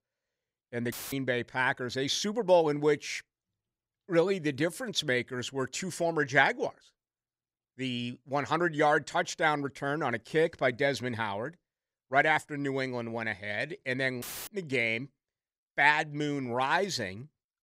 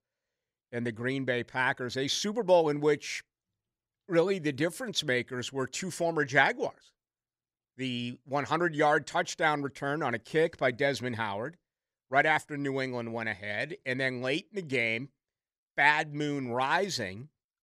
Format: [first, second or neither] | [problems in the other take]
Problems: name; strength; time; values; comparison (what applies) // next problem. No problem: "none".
second | audio cutting out; filled with static; at 1 s and at 14 s